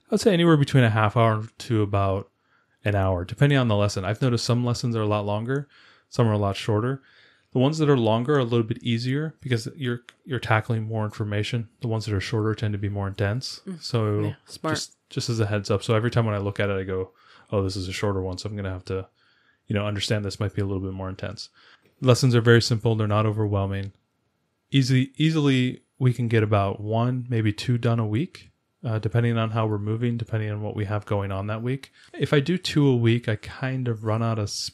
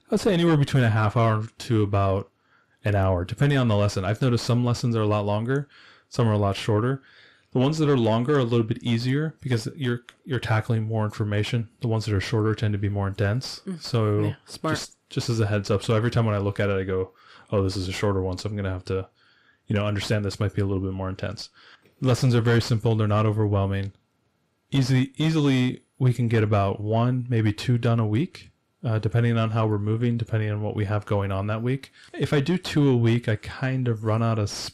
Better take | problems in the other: first | distortion; slight; 10 dB below the speech

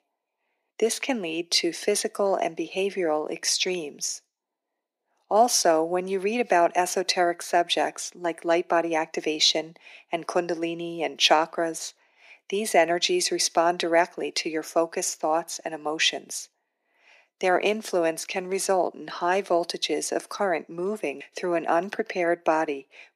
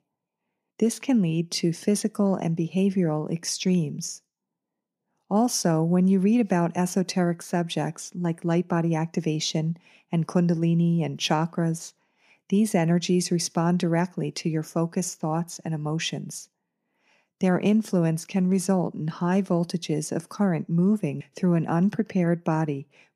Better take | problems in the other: second | thin; very; fading below 350 Hz

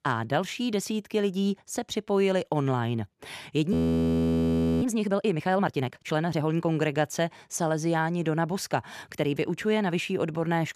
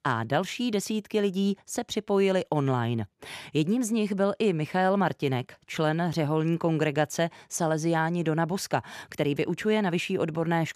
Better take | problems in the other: second | audio freezing; at 3.5 s for 1 s

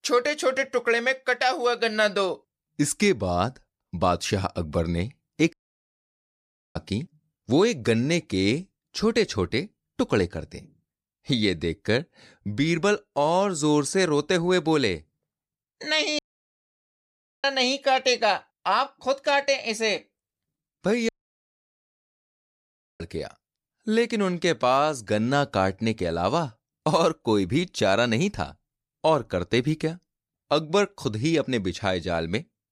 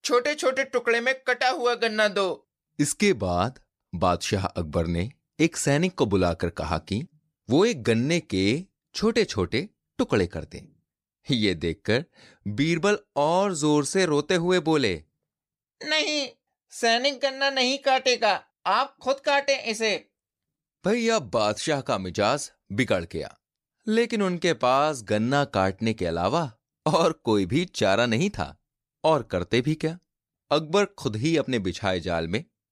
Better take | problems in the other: second | audio cutting out; at 5.5 s for 1 s, at 16 s for 1.5 s and at 21 s for 2 s

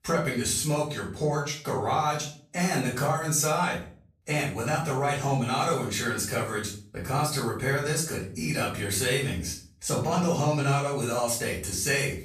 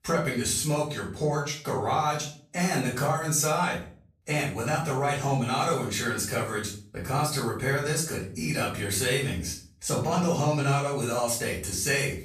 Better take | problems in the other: neither | off-mic speech; far; the same in both // room echo; noticeable; dies away in 0.4 s; the same in both

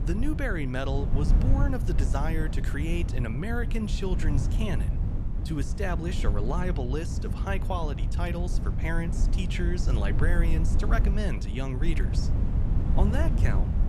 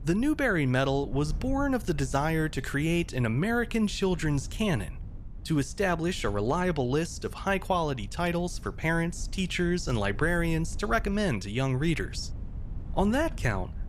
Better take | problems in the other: second | wind noise on the microphone; heavy; 7 dB below the speech; occasional gusts in the second

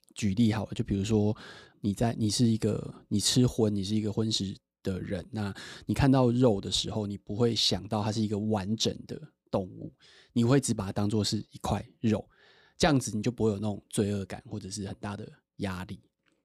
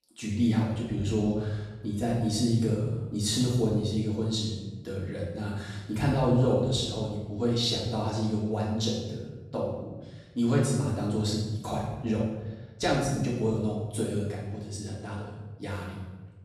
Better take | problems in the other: first | room echo; noticeable; dies away in 1.1 s // off-mic speech; far

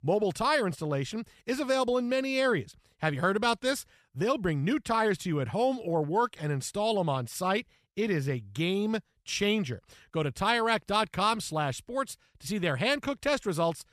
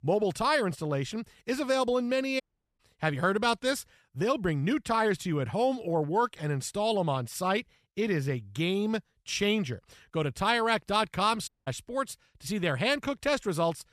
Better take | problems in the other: first | audio cutting out; at 2.5 s and at 11 s

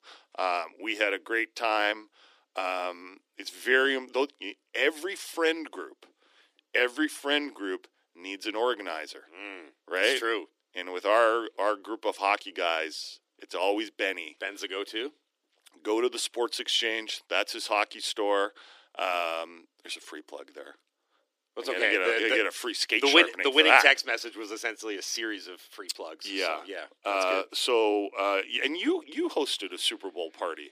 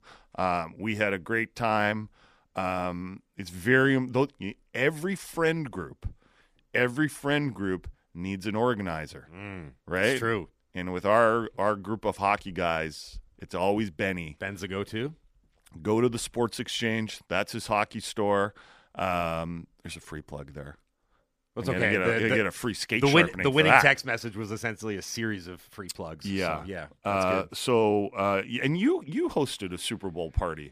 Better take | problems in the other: second | thin; somewhat; fading below 300 Hz

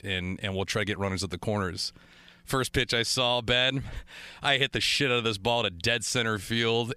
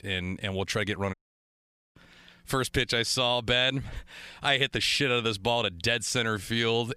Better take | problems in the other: first | audio cutting out; at 1 s for 1 s

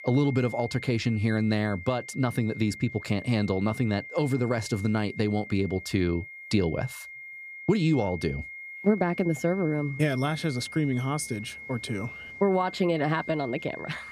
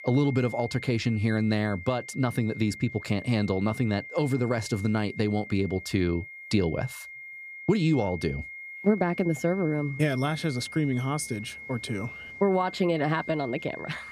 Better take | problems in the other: neither | high-pitched whine; noticeable; throughout; 2 kHz, 10 dB below the speech; the same in both

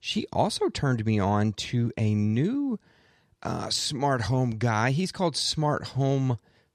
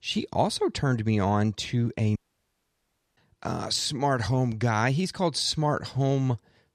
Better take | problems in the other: first | audio cutting out; at 2 s for 1 s

